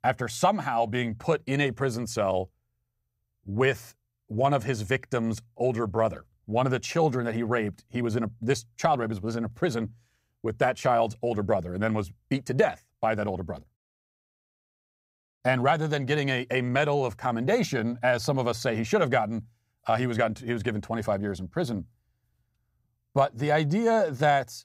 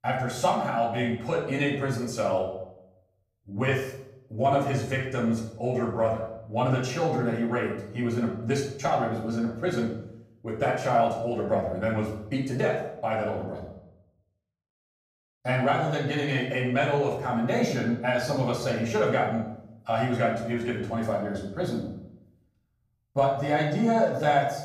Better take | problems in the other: first | off-mic speech; far // room echo; noticeable; dies away in 0.6 s

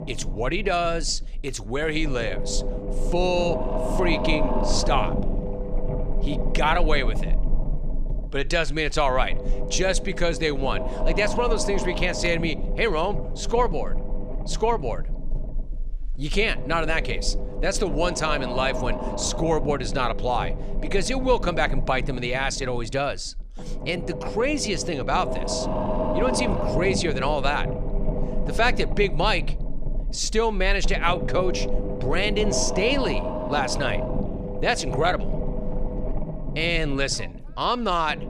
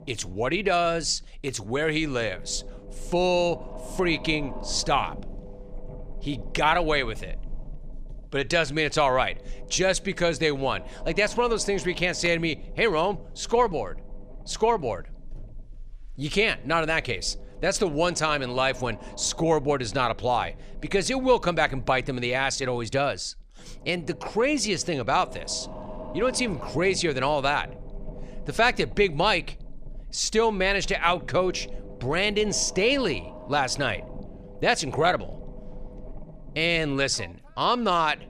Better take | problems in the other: second | low rumble; loud; throughout; 8 dB below the speech; faint in the second

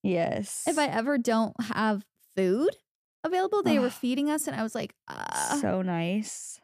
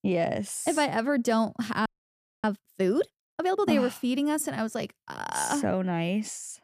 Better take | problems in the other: first | audio freezing; at 2 s for 0.5 s

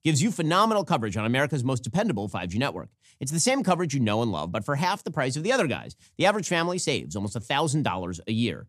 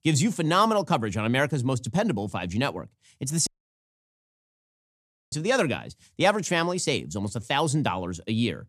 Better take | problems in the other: first | audio cutting out; at 3.5 s for 2 s

